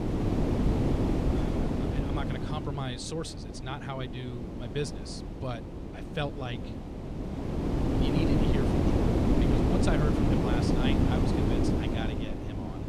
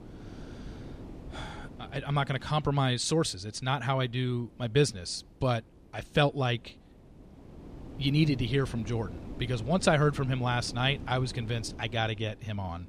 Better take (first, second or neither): second